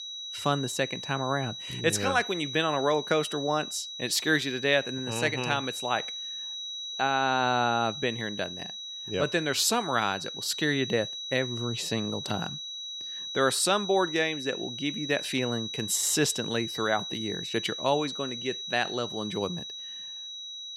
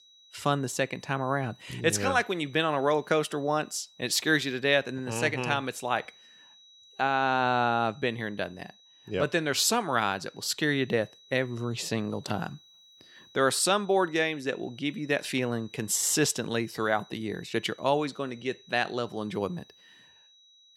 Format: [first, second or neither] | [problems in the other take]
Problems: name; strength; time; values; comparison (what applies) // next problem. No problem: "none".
second | high-pitched whine; loud; throughout; 4 kHz, 7 dB below the speech; faint in the second